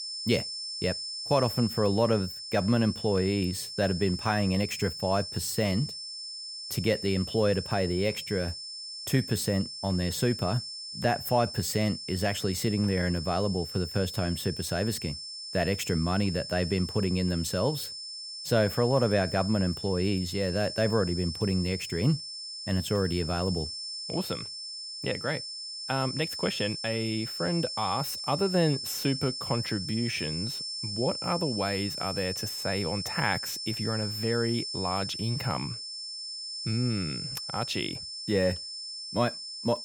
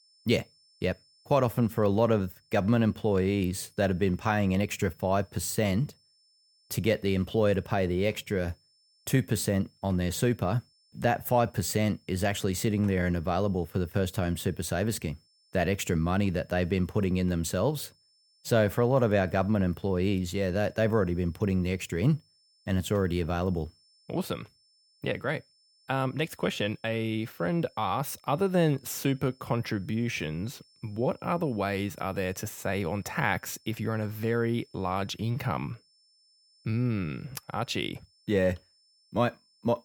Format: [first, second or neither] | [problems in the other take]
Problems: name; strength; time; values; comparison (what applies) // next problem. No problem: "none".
second | high-pitched whine; loud; throughout; 5.5 kHz, 6 dB below the speech; faint in the second